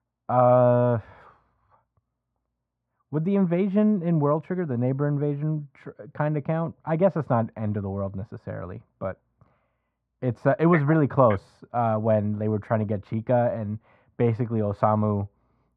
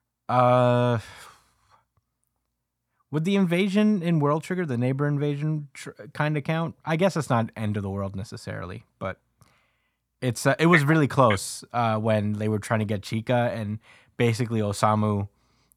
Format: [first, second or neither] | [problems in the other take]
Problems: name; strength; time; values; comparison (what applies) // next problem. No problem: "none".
second | muffled; very; fading above 3.5 kHz